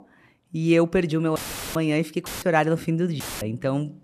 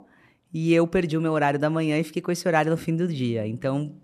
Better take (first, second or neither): second